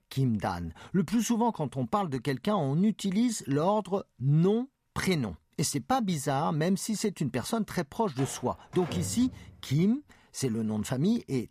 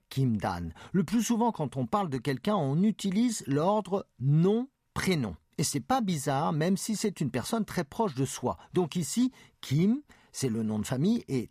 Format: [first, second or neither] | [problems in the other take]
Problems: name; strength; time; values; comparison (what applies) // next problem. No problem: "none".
second | door banging; noticeable; from 8 to 9.5 s; peak 8 dB below the speech